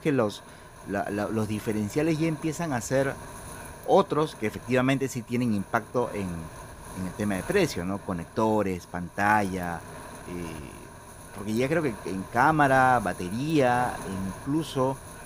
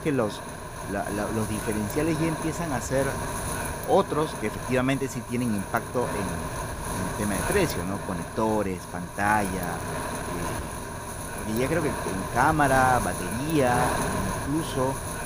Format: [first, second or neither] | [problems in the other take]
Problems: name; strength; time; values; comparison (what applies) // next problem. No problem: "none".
first | wind noise on the microphone; heavy; 5 dB below the speech; occasional gusts in the first